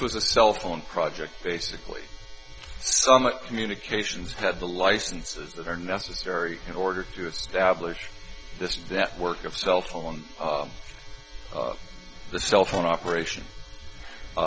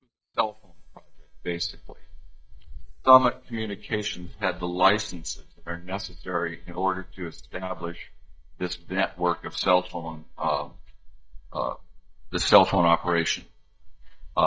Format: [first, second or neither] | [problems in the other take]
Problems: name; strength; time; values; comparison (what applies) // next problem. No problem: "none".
first | noise reduction (neural mask model DeepFilterNet 3)